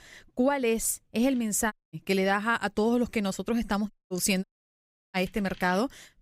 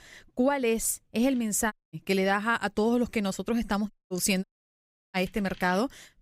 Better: neither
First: audio cutting out; at 1.5 s, at 4 s and at 4.5 s for 0.5 s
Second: audio cutting out; at 1.5 s, at 4 s and at 4.5 s for 0.5 s

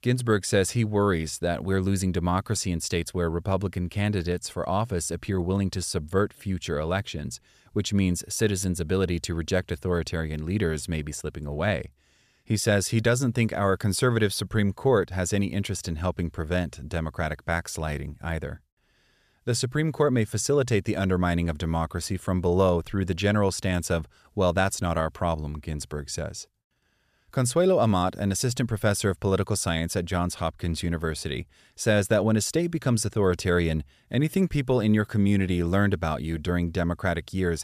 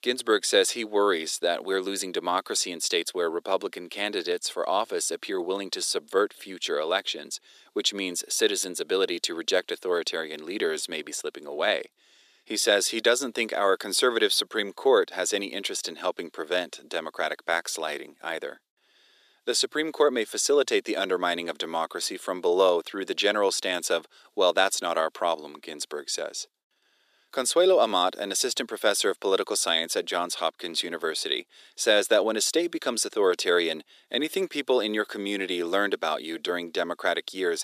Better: first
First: none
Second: thin; very; fading below 300 Hz

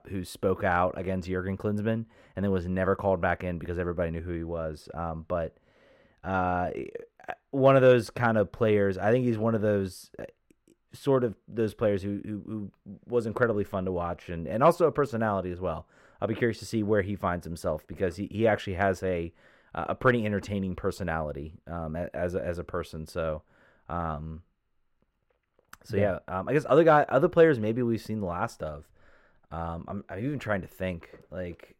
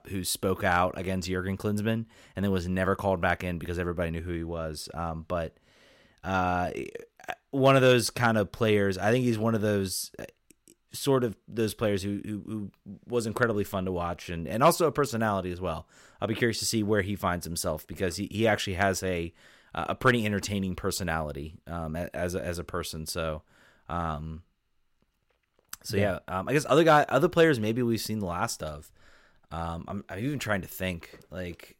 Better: second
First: muffled; slightly; fading above 3 kHz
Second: none

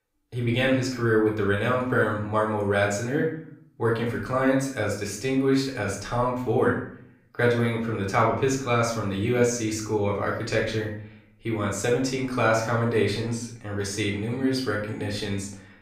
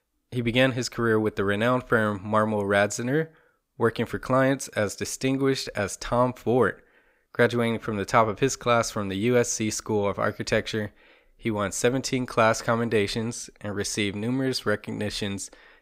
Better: second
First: off-mic speech; far // room echo; noticeable; dies away in 0.5 s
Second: none

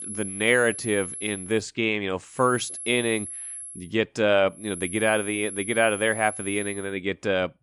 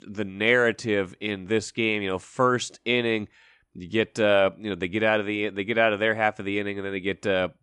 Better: second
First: high-pitched whine; loud; until 1.5 s, from 2.5 to 4 s and from 4.5 to 7 s; 11 kHz, 9 dB below the speech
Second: none

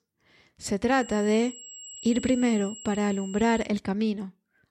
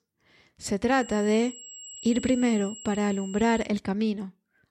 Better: neither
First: high-pitched whine; noticeable; from 1 to 3.5 s; 7.5 kHz, 15 dB below the speech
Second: high-pitched whine; noticeable; from 1 to 3.5 s; 7.5 kHz, 15 dB below the speech

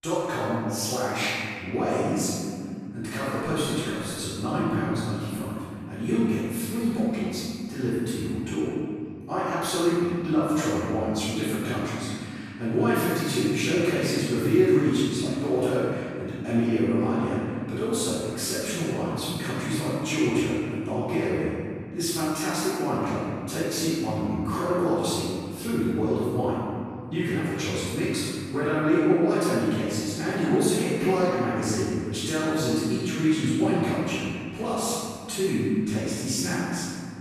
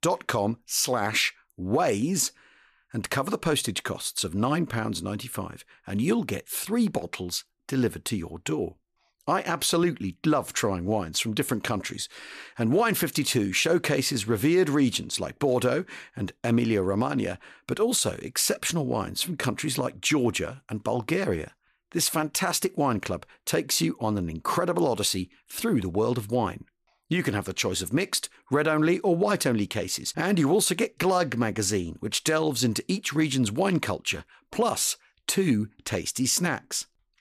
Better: second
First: off-mic speech; far // room echo; strong; dies away in 2.5 s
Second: none

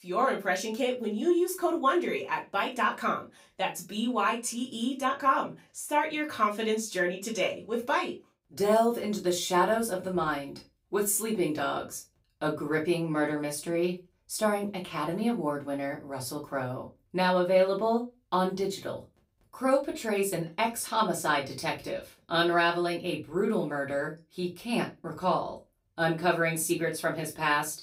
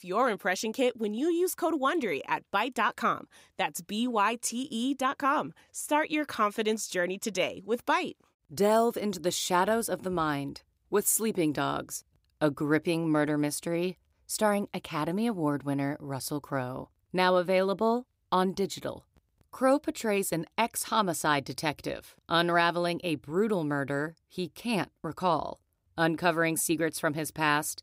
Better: second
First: off-mic speech; far // room echo; very slight; dies away in 0.2 s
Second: none

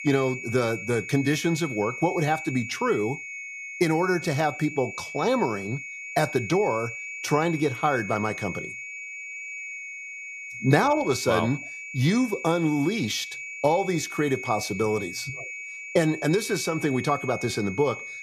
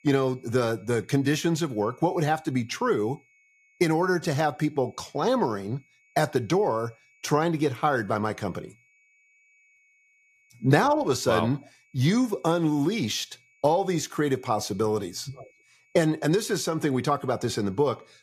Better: second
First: high-pitched whine; loud; throughout; 2.5 kHz, 9 dB below the speech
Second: high-pitched whine; faint; throughout; 2.5 kHz, 35 dB below the speech

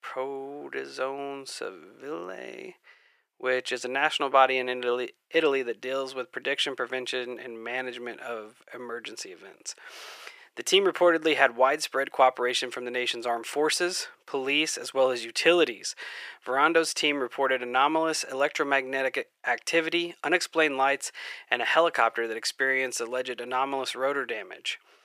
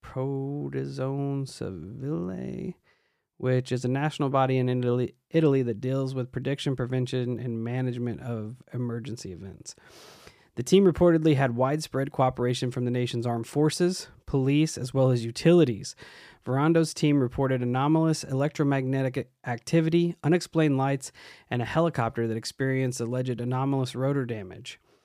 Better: second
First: thin; very; fading below 500 Hz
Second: none

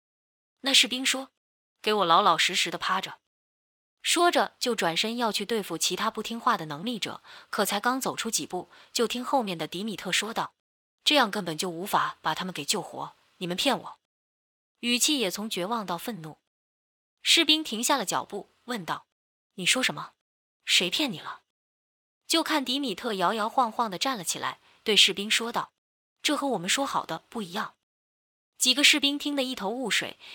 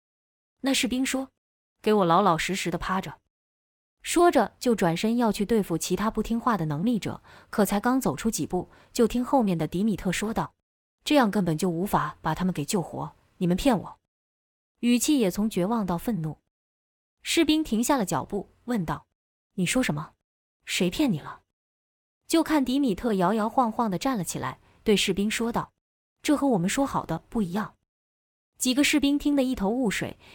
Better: second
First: thin; somewhat; fading below 1 kHz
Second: none

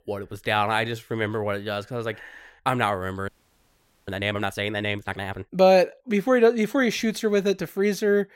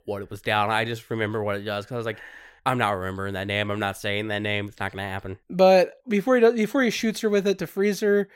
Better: second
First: audio freezing; at 3.5 s for 1 s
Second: none

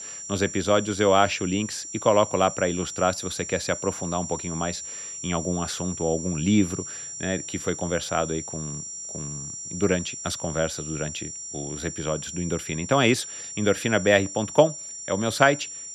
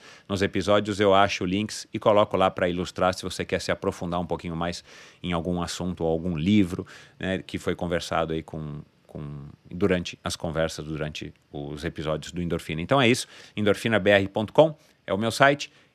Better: second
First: high-pitched whine; loud; throughout; 7 kHz, 9 dB below the speech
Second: none

